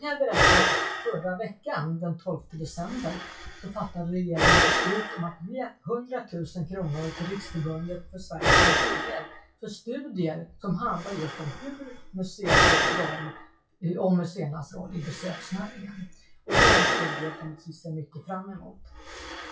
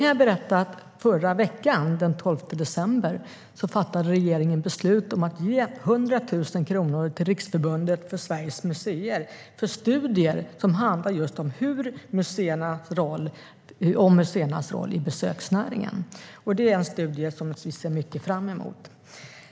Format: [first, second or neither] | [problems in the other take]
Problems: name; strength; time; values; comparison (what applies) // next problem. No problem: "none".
second | noise reduction (classical method WPE with log-MMSE)